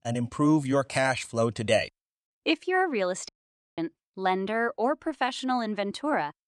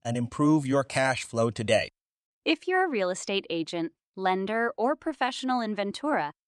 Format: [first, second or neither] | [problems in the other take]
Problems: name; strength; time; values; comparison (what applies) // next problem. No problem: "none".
second | audio cutting out; at 3.5 s